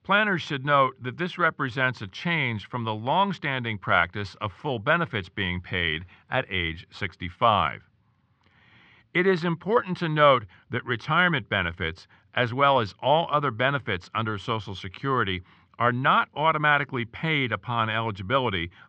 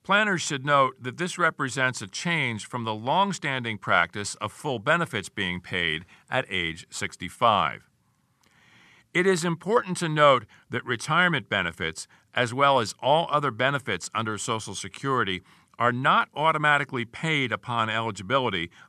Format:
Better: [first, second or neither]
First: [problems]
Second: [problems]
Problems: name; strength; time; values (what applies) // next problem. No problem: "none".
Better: second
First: muffled; slightly; fading above 4 kHz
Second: none